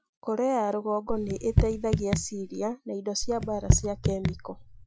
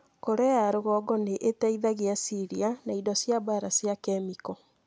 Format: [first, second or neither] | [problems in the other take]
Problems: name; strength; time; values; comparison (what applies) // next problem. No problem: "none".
second | noise reduction (classical method Wiener filter)